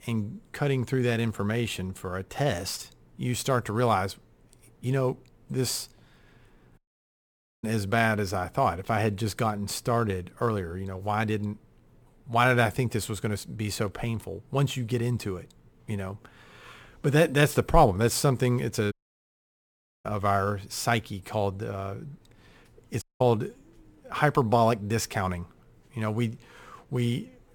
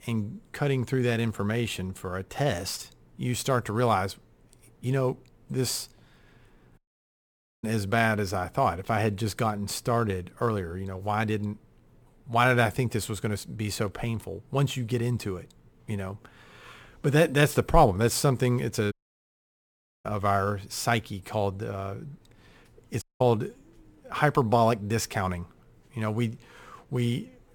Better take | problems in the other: neither | audio cutting out; at 7 s for 1 s, at 19 s for 1 s and at 23 s; the same in both

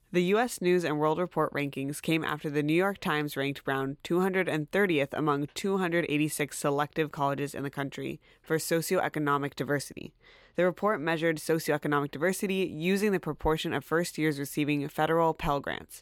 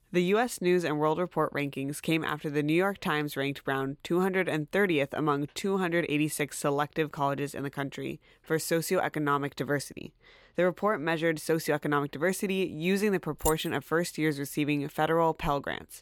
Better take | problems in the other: first | jangling keys; noticeable; at 13 s; peak 6 dB below the speech

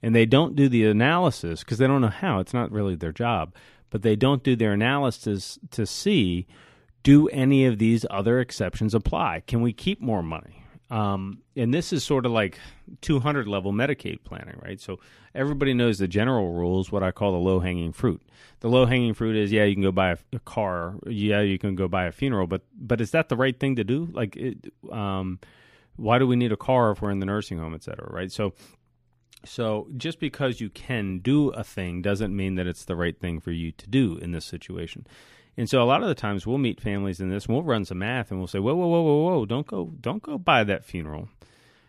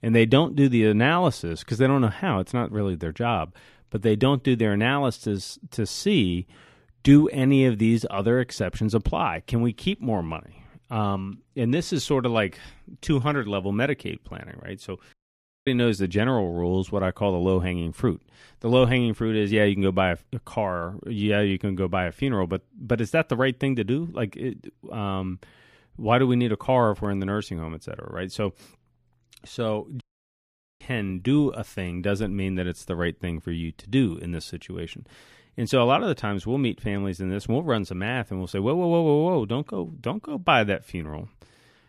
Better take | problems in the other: first | audio cutting out; at 15 s for 0.5 s and at 30 s for 1 s

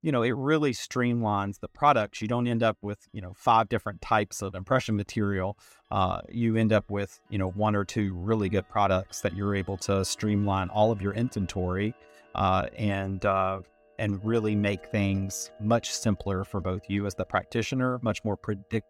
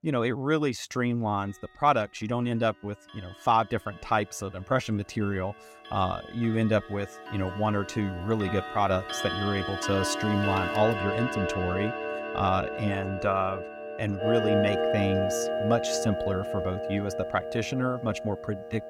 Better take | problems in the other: first | household noises; loud; throughout; 3 dB below the speech; faint in the first

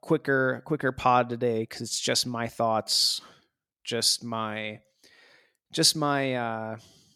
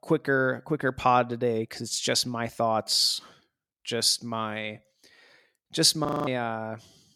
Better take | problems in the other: first | audio freezing; at 6 s

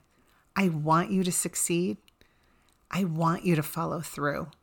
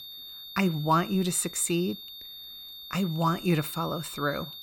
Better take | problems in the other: first | high-pitched whine; noticeable; throughout; 3.5 kHz, 10 dB below the speech

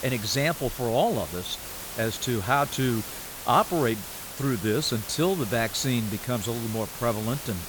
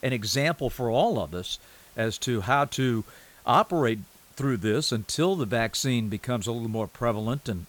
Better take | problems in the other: second | hiss; loud; throughout; 9 dB below the speech; faint in the second

